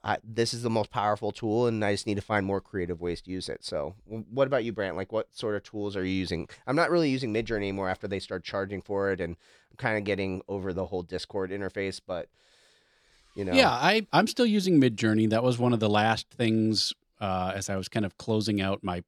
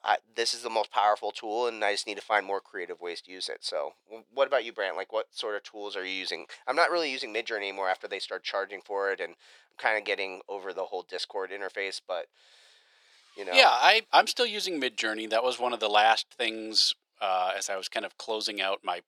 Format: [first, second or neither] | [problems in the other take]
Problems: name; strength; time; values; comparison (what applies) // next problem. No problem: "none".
first | thin; very; fading below 500 Hz